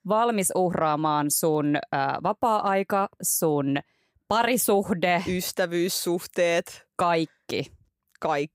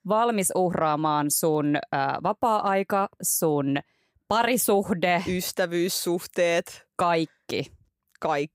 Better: neither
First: none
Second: none

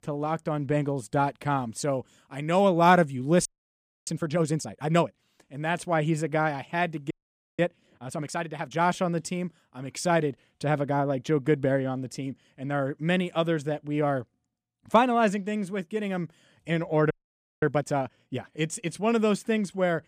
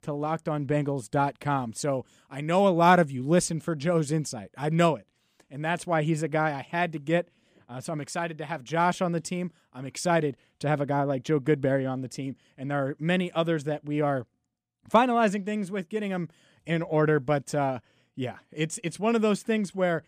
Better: second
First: audio freezing; at 3.5 s for 0.5 s, at 7 s and at 17 s for 0.5 s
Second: none

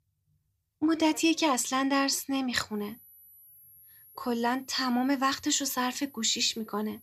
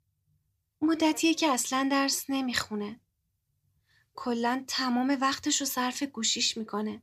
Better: second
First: high-pitched whine; faint; from 3 s on; 12 kHz, 25 dB below the speech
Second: none

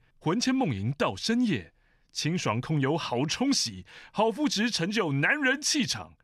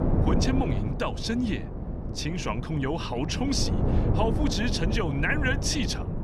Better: first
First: none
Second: wind noise on the microphone; heavy; 6 dB below the speech

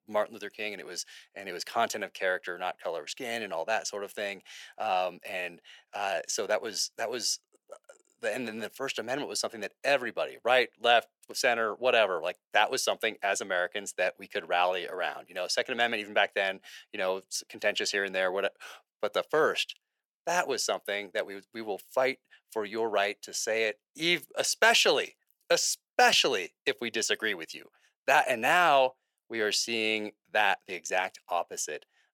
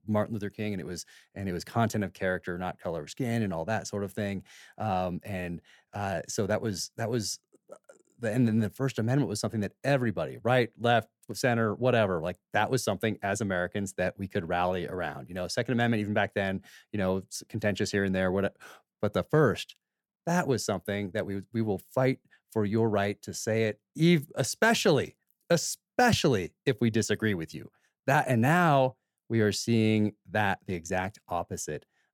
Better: second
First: thin; very; fading below 600 Hz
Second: none

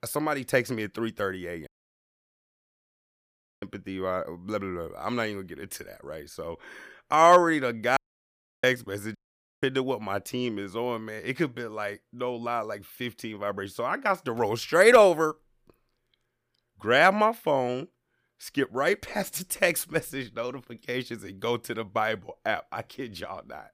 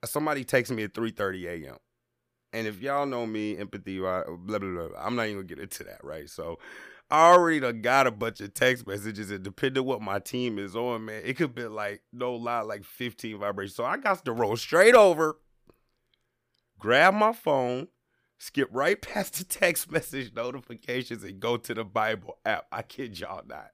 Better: second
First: audio cutting out; at 1.5 s for 2 s, at 8 s for 0.5 s and at 9 s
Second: none

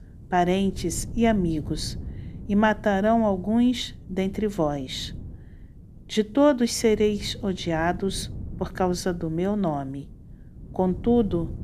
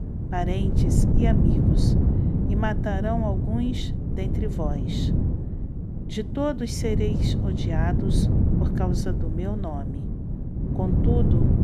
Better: first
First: wind noise on the microphone; occasional gusts; 25 dB below the speech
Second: wind noise on the microphone; heavy; 2 dB below the speech

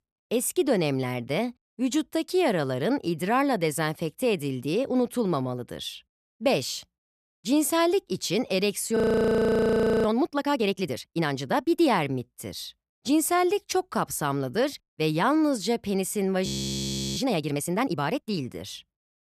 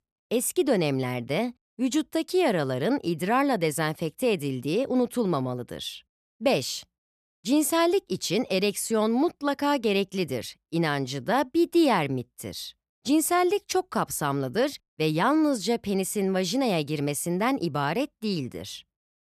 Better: second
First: audio freezing; at 9 s for 1 s and at 16 s for 0.5 s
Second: none

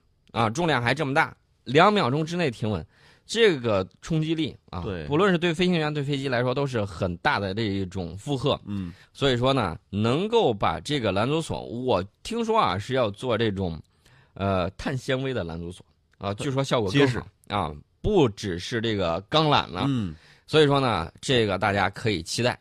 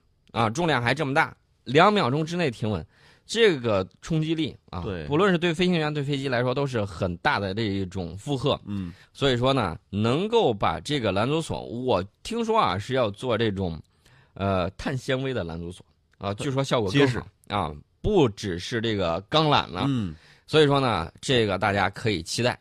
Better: neither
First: none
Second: none

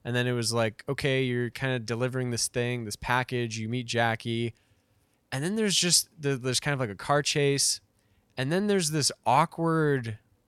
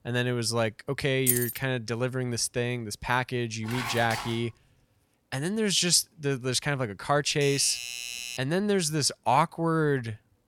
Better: first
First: none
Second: jangling keys; loud; at 1.5 s; peak 2 dB above the speech // clattering dishes; noticeable; at 3.5 s; peak 6 dB below the speech // doorbell; noticeable; from 7.5 to 8.5 s; peak 6 dB below the speech

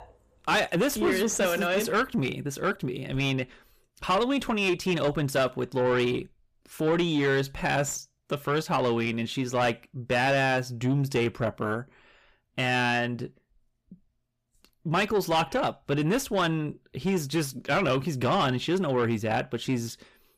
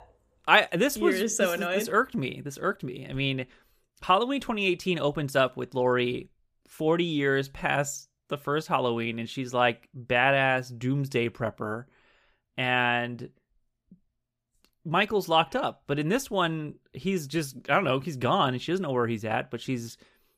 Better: second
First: distortion; heavy; 8 dB below the speech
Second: none

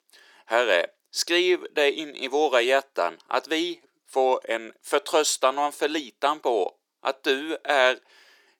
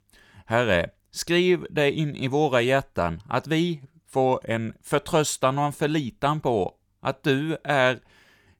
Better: second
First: thin; very; fading below 350 Hz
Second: none

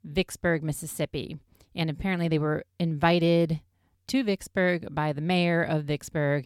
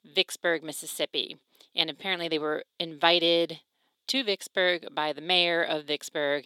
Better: first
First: none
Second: thin; somewhat; fading below 350 Hz

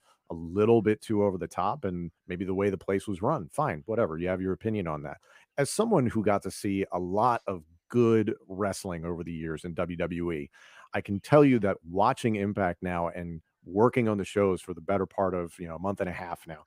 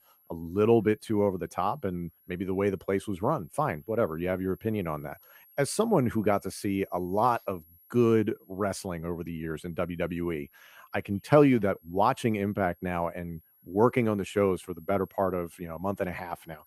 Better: first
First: none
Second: high-pitched whine; faint; throughout; 11.5 kHz, 30 dB below the speech

